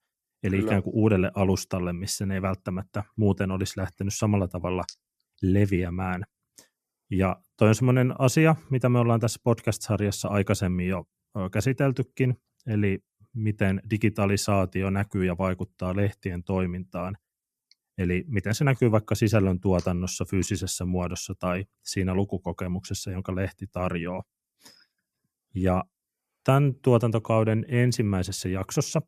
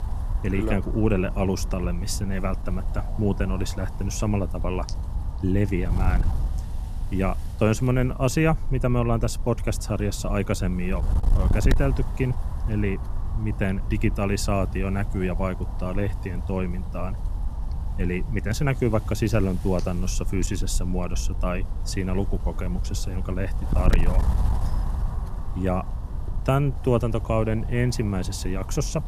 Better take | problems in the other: first | wind noise on the microphone; occasional gusts; 15 dB below the speech

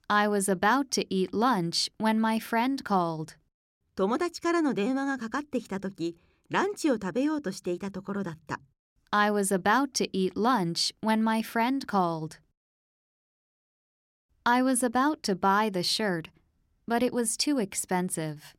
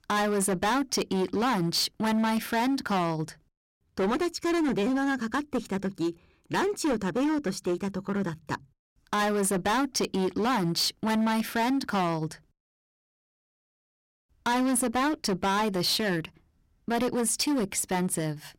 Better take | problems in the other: first | distortion; heavy; 18% of the sound clipped

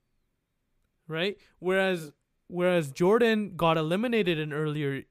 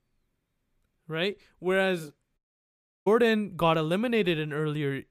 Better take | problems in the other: first | audio cutting out; at 2.5 s for 0.5 s

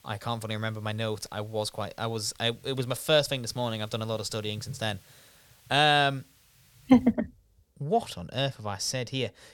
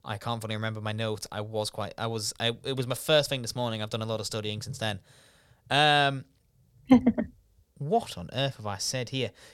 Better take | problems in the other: second | hiss; faint; until 7 s; 30 dB below the speech

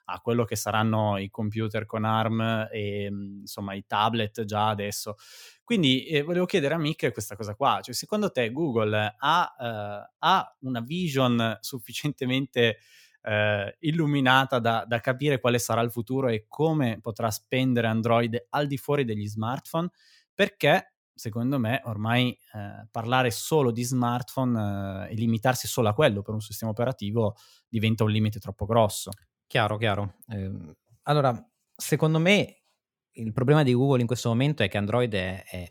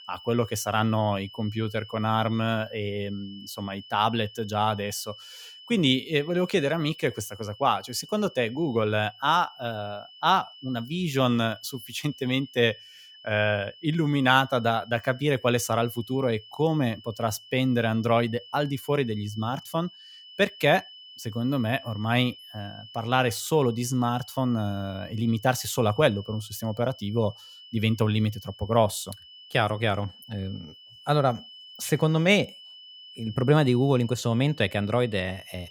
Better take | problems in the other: first | high-pitched whine; noticeable; throughout; 3 kHz, 20 dB below the speech

